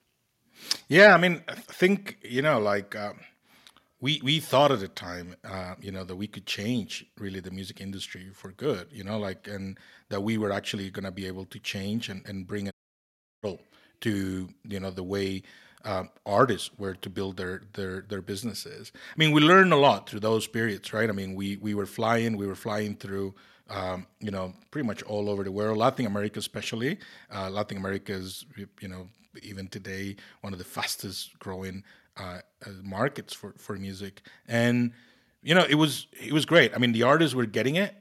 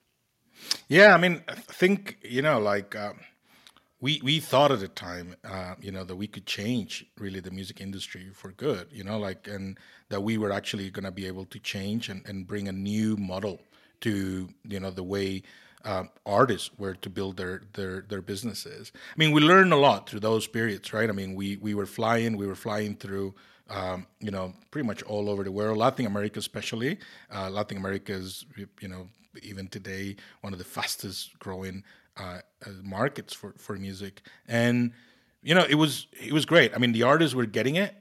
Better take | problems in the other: second | audio cutting out; at 13 s for 0.5 s

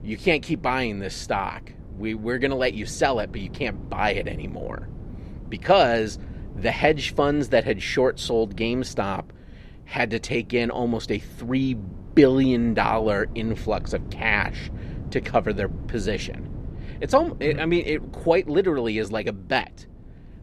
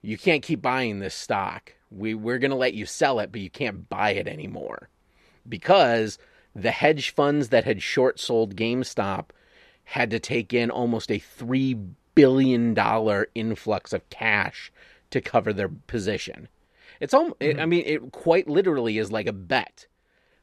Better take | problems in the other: second | wind noise on the microphone; occasional gusts; 25 dB below the speech

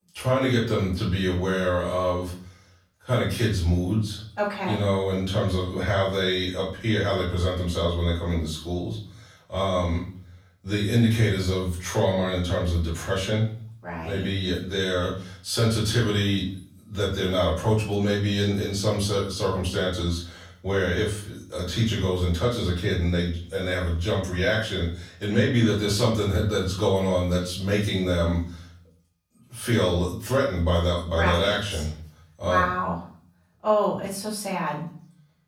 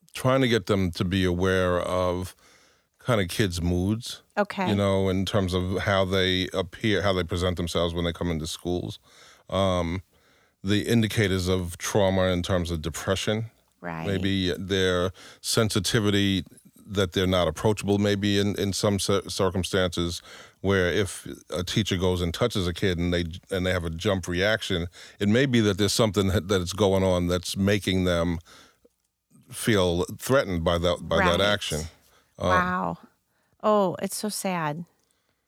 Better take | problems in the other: second | off-mic speech; far // room echo; slight; dies away in 0.5 s

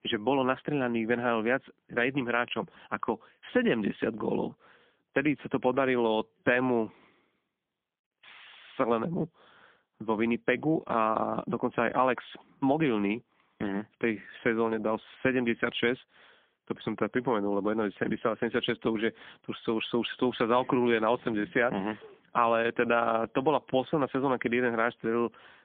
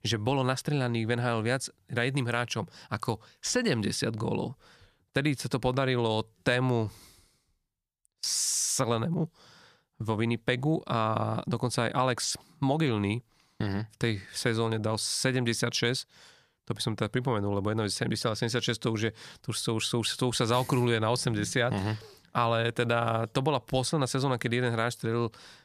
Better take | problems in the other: second | phone-call audio; poor line; nothing above 3.5 kHz

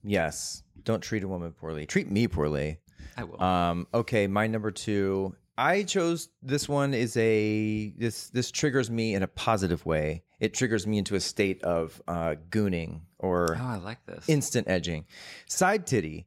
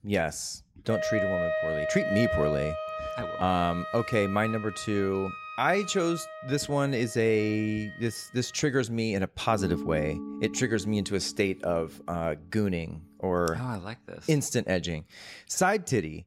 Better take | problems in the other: first | background music; loud; throughout; 6 dB below the speech

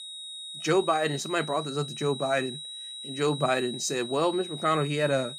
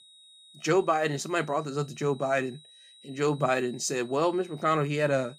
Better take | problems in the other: second | high-pitched whine; loud; throughout; 4 kHz, 9 dB below the speech; faint in the second

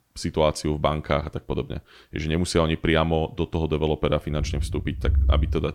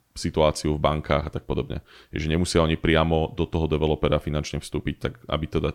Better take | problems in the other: second | rain or running water; loud; from 4 s on; 1 dB below the speech

